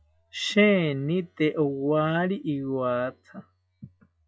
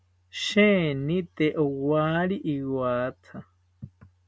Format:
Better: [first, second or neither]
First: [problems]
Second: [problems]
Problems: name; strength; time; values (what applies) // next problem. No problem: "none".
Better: second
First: noise reduction (classical method log-MMSE)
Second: none